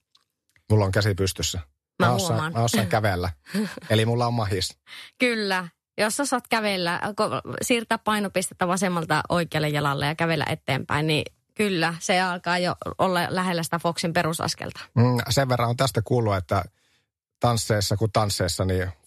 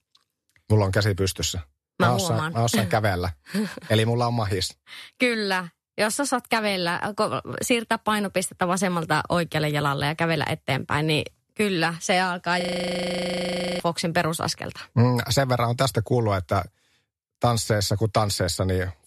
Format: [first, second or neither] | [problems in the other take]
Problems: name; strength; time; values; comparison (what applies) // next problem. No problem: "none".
first | audio freezing; at 13 s for 1 s